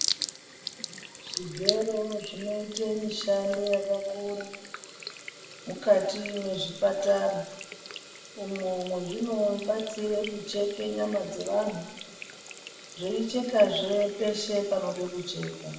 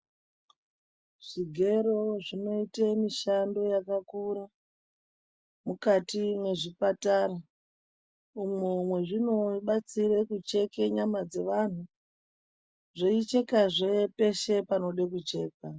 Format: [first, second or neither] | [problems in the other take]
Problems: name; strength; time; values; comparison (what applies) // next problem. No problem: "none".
second | background sound (Sink (filling or washing) / Water tap, faucet); 10 dB below the speech // room echo; dies away in 1 s